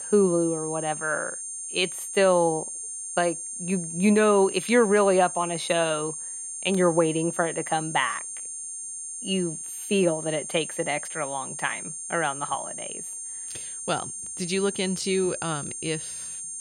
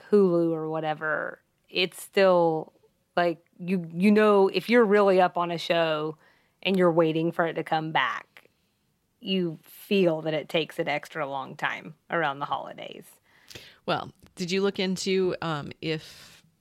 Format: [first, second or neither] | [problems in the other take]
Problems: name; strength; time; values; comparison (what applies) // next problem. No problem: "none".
second | high-pitched whine; loud; throughout; 9 kHz, 7 dB below the speech